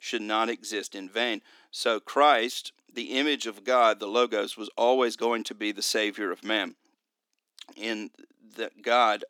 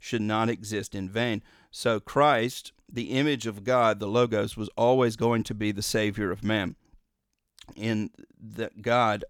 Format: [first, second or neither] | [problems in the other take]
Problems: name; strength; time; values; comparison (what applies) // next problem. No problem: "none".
second | thin; somewhat; fading below 250 Hz